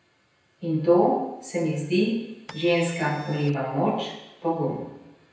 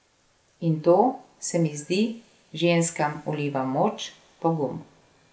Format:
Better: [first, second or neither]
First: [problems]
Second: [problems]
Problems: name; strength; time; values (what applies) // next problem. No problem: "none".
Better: second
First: background sound (Printer); 19 dB below the speech // room echo; dies away in 0.9 s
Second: none